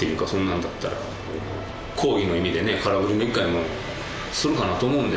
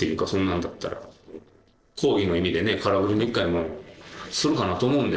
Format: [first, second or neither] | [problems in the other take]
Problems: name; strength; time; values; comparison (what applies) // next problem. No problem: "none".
first | noise reduction (neural separator model SepFormer DNS4)